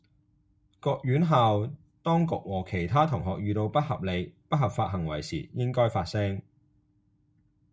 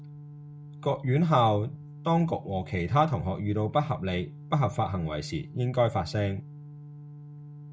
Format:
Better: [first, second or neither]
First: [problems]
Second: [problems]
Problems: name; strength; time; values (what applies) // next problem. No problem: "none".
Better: first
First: none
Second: background sound (Organ); 15 dB below the speech